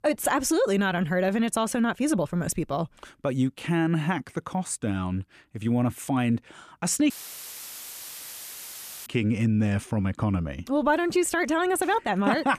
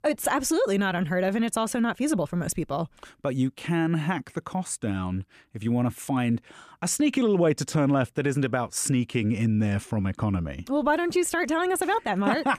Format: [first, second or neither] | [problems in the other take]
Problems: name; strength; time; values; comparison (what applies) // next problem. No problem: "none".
second | audio cutting out; filled with static; at 7 s for 2 s